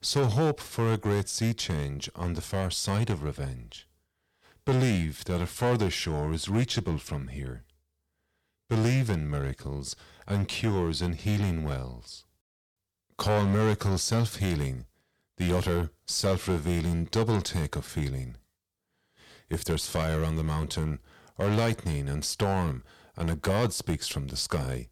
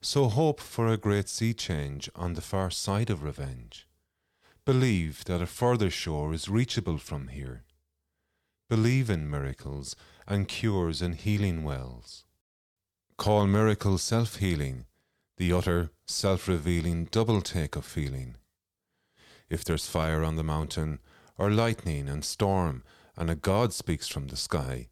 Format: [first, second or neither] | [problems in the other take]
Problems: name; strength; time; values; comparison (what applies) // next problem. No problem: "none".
second | distortion; slight; 5% of the sound clipped